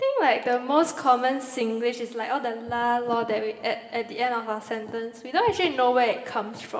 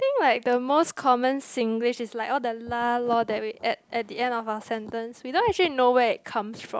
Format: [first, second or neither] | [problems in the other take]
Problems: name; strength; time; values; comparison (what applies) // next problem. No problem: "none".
second | room echo; dies away in 1.7 s